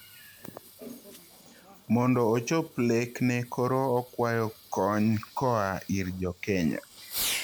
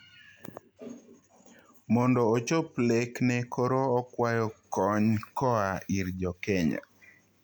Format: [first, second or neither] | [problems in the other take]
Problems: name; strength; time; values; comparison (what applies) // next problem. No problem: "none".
second | background sound (Fireworks); 14 dB below the speech